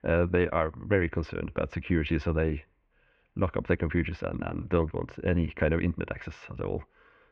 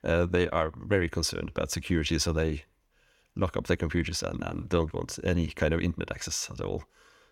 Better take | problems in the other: second | muffled; very; fading above 2.5 kHz

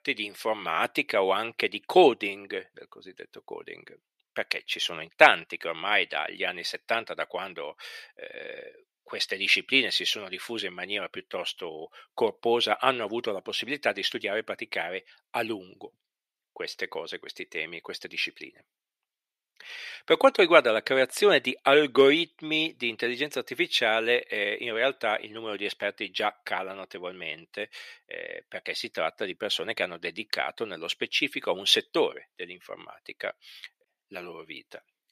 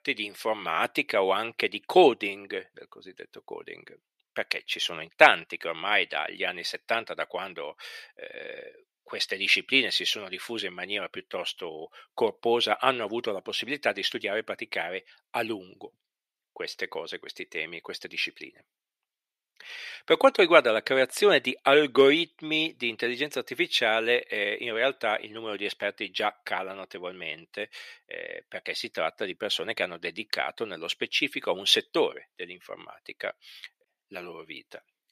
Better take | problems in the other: neither | thin; somewhat; fading below 500 Hz; the same in both

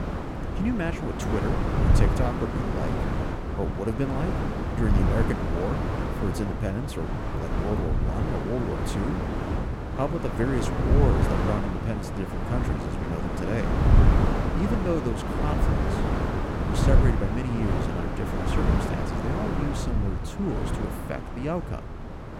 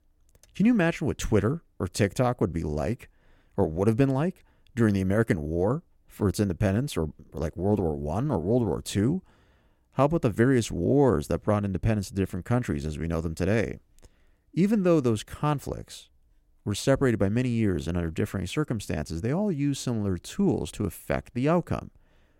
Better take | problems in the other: second | wind noise on the microphone; heavy; 2 dB above the speech

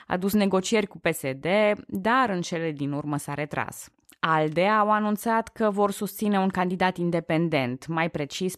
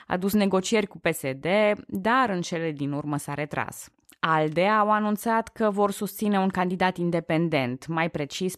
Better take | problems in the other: neither | none

